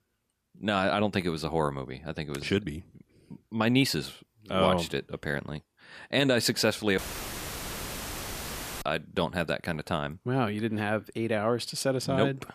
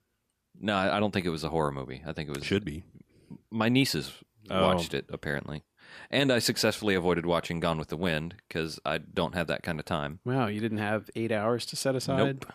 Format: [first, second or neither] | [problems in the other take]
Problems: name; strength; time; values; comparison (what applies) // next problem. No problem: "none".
second | audio cutting out; filled with static; at 7 s for 2 s